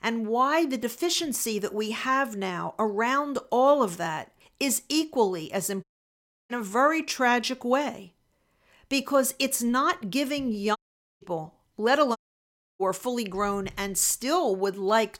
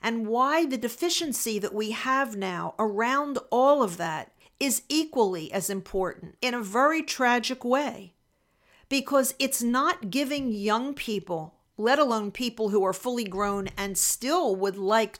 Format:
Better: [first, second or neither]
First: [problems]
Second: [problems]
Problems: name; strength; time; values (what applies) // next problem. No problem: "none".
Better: second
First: audio cutting out; at 6 s for 0.5 s, at 11 s and at 12 s for 0.5 s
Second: none